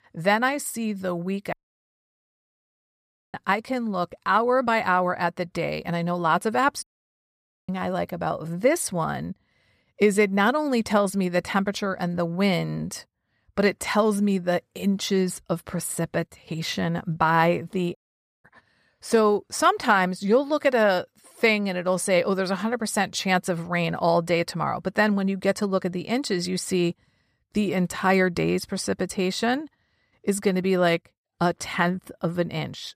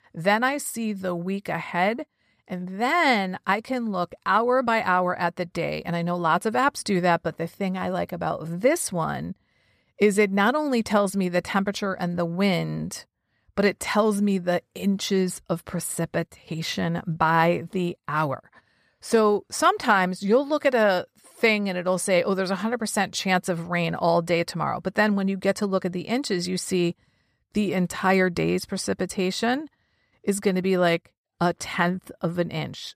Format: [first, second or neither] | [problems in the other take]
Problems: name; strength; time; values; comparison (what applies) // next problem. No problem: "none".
second | audio cutting out; at 1.5 s for 2 s, at 7 s for 1 s and at 18 s